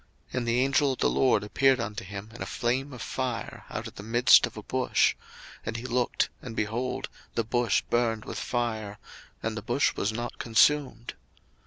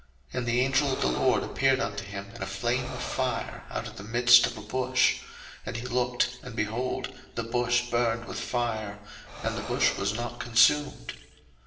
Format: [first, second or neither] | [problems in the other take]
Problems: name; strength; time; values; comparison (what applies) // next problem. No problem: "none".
first | background sound (Breathing); 12 dB below the speech // room echo; dies away in 1.3 s